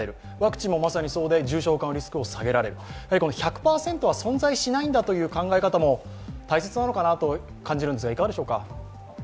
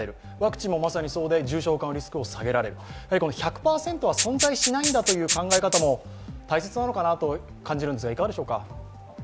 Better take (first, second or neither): first